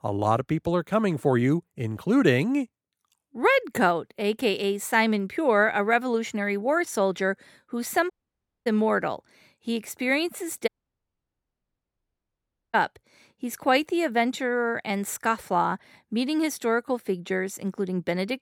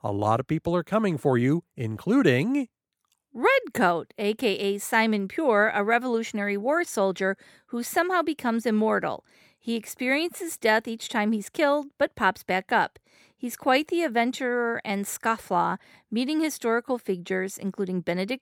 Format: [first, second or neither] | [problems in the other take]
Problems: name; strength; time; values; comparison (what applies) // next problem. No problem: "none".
second | audio cutting out; at 8 s for 0.5 s and at 11 s for 2 s